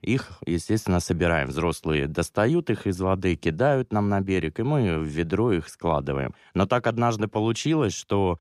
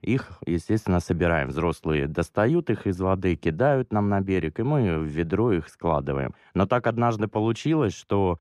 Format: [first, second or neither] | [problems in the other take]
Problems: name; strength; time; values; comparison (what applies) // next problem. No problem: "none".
first | muffled; slightly; fading above 3 kHz